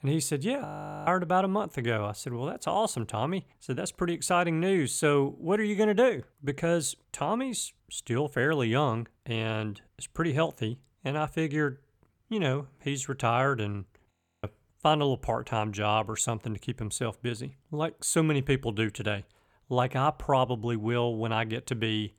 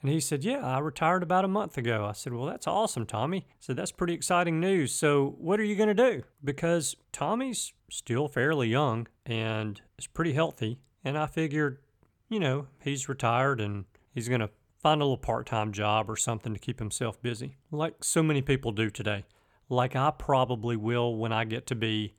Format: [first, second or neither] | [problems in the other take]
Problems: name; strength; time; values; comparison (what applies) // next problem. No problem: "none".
second | audio freezing; at 0.5 s and at 14 s